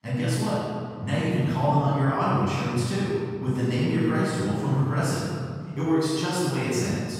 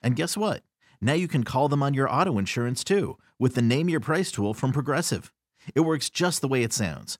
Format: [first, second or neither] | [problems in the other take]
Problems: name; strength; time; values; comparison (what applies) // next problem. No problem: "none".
second | room echo; strong; dies away in 2 s // off-mic speech; far